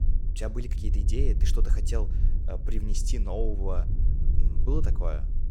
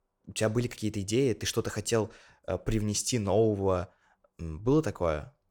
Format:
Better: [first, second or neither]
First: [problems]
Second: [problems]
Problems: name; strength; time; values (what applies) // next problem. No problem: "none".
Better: second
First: low rumble; loud; throughout; 9 dB below the speech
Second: none